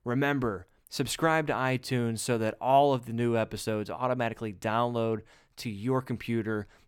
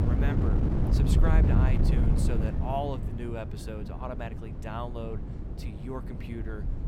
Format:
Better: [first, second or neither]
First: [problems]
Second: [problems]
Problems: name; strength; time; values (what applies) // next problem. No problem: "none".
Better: first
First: none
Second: wind noise on the microphone; heavy; 2 dB below the speech